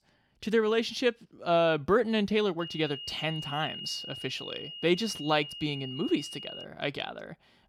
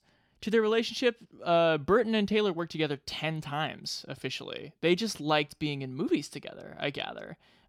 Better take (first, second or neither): second